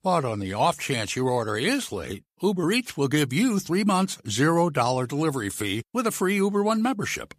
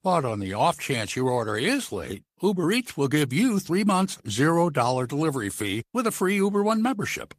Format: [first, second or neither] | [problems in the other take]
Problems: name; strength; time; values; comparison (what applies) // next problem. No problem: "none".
first | garbled, watery; slightly; nothing above 14.5 kHz